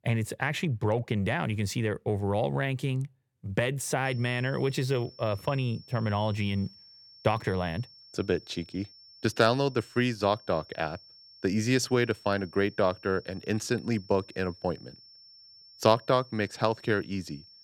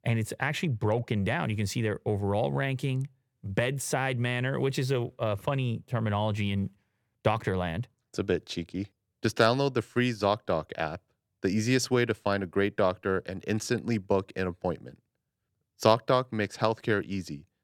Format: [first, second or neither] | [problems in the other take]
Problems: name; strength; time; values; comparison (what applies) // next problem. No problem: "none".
second | high-pitched whine; faint; from 4 s on; 5.5 kHz, 20 dB below the speech